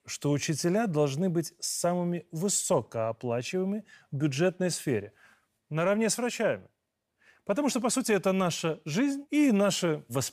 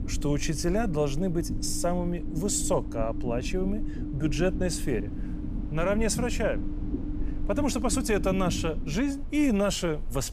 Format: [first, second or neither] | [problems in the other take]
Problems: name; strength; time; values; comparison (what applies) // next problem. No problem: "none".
first | low rumble; noticeable; throughout; 10 dB below the speech